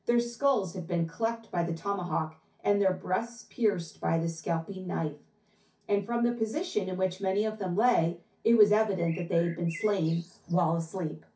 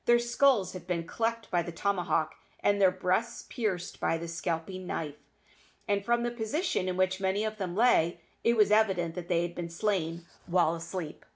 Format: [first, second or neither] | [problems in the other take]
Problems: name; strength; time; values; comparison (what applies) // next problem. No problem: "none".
second | background sound (Bird); 19 dB below the speech // room echo; dies away in 0.3 s